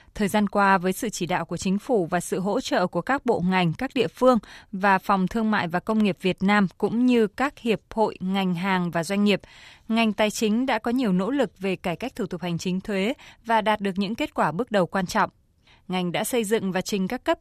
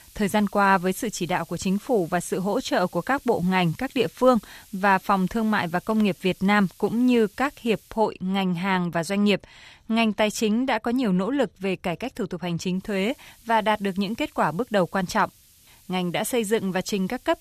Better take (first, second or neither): first